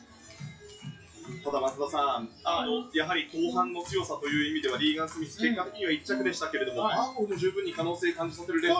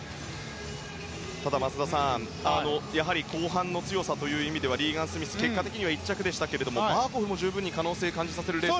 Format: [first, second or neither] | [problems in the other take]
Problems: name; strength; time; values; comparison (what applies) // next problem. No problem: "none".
second | noise reduction (classical method WPE with log-MMSE)